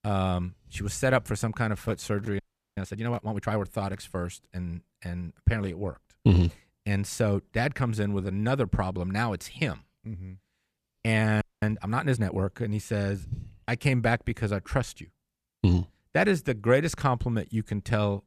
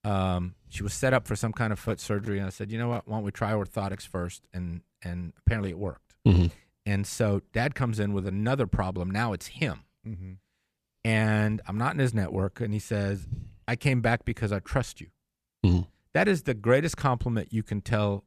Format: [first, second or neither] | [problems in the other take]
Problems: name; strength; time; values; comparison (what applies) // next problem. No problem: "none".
second | audio freezing; at 2.5 s and at 11 s